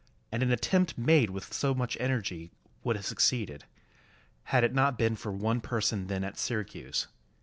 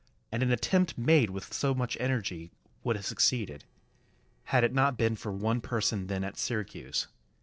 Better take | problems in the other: first | noise reduction (neural separator model SepFormer DNS4)

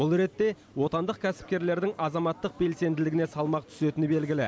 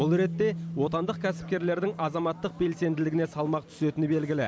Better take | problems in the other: first | background sound (Bass guitar); 11 dB below the speech

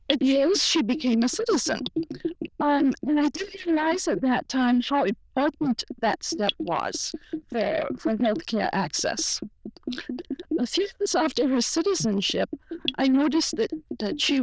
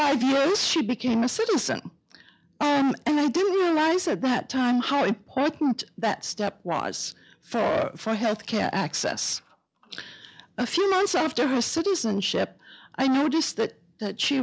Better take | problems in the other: second | noise reduction (neural diffusion model UNIVERSE++)

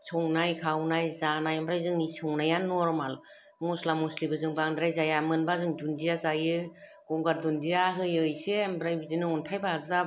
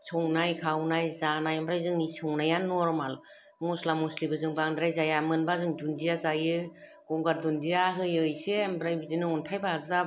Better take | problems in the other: first | background sound (Ringtone); 20 dB below the speech

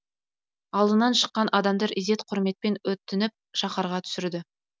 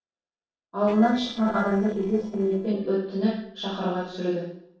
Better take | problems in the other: first | noise reduction (neural separator model SepFormer DNS4)

